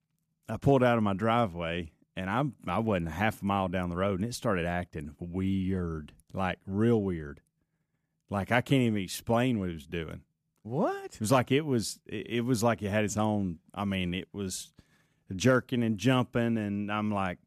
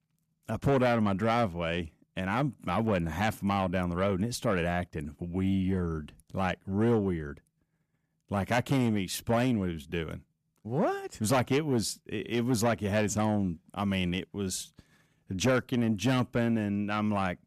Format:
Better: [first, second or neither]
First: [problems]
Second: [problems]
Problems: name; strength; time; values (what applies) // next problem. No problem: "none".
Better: first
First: none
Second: distortion; slight; 10 dB below the speech